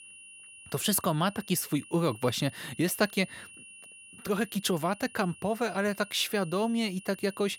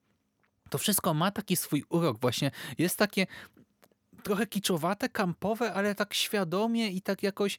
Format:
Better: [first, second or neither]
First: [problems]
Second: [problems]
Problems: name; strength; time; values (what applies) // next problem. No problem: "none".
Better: second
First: high-pitched whine; noticeable; throughout; 2.5 kHz, 20 dB below the speech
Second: none